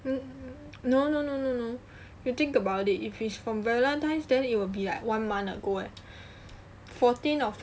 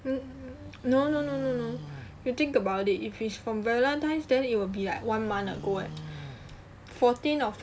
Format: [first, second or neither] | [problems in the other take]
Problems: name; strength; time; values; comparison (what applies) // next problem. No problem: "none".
first | background sound (Livestock, farm animals, working animals); 16 dB below the speech